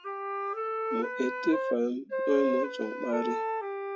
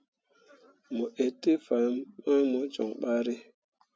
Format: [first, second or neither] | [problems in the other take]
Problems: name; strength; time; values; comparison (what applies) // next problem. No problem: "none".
second | noise reduction (classical method log-MMSE)